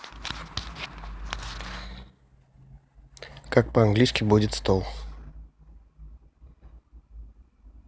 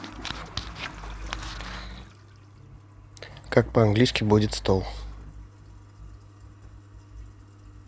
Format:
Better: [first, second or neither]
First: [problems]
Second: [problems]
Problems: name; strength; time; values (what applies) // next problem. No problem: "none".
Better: first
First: none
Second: background sound (Toilet flush); 19 dB below the speech